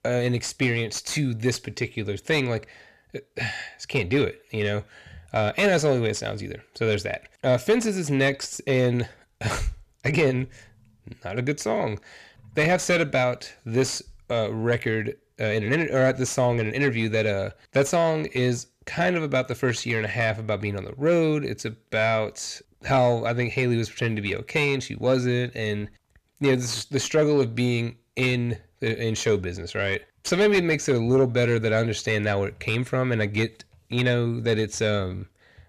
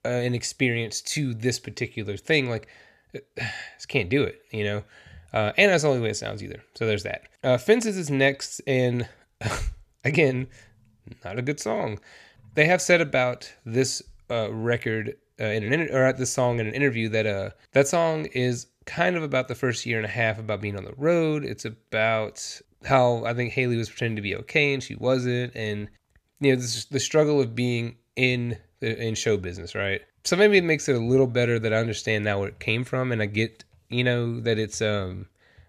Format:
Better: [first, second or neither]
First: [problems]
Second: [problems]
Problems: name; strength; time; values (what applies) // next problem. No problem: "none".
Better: second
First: distortion; slight; 10 dB below the speech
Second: none